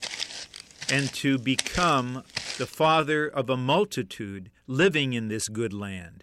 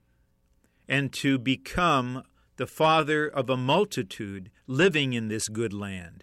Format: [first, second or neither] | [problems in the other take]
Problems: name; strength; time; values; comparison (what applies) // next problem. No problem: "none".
second | footsteps; noticeable; until 2.5 s; peak 3 dB below the speech